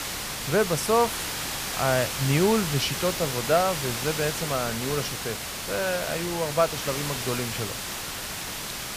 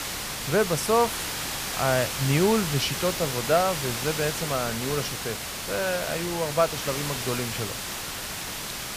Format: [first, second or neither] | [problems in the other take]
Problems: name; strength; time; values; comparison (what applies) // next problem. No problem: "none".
neither | hiss; loud; throughout; 3 dB below the speech; the same in both